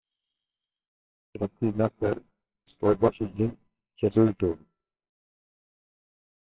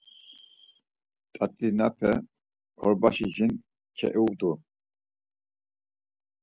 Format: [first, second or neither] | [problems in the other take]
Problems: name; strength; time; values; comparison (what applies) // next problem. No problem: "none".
second | noise reduction (neural separator model SepFormer WHAMR!)